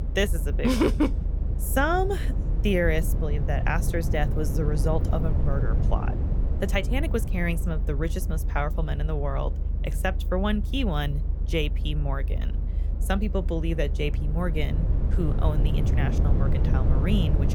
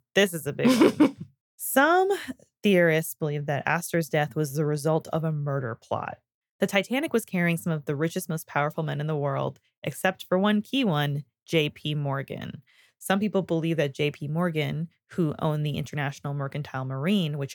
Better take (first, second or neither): second